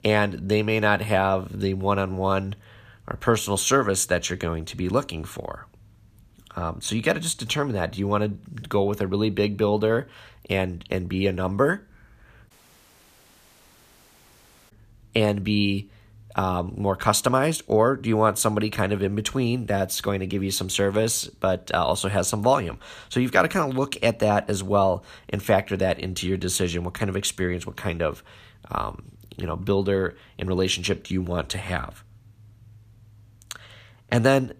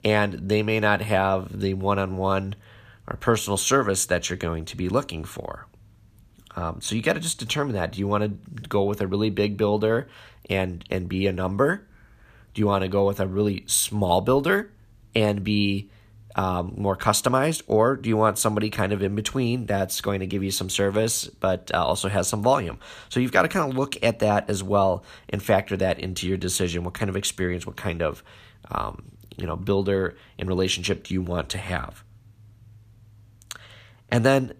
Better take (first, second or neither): second